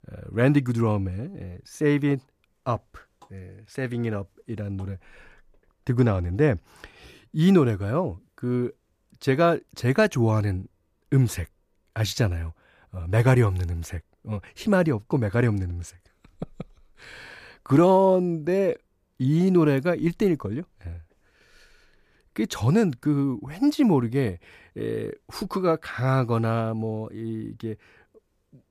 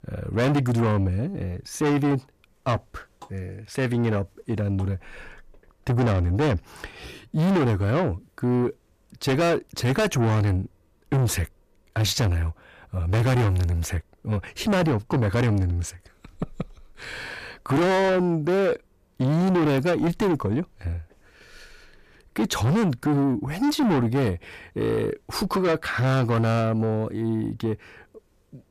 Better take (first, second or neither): first